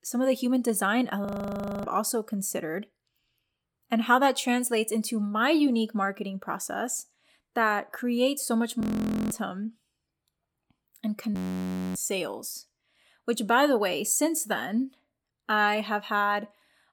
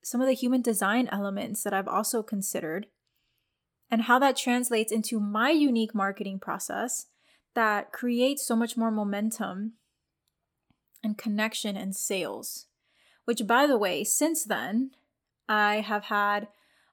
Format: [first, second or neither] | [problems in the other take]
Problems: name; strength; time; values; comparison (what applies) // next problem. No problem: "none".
second | audio freezing; at 1.5 s for 0.5 s, at 9 s for 0.5 s and at 11 s for 0.5 s